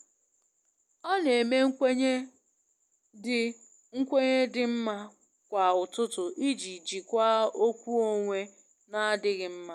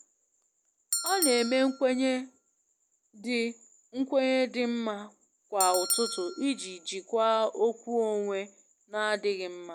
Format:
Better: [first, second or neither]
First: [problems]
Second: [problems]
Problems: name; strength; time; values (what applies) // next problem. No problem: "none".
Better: first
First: none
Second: background sound (Bell); 6 dB below the speech